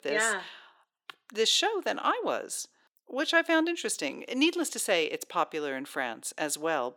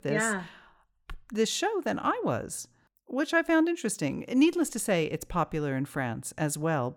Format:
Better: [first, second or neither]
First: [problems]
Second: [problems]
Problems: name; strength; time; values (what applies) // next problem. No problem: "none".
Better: second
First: thin; somewhat; fading below 350 Hz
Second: none